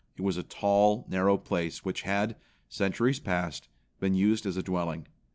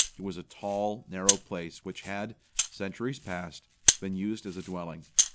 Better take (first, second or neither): first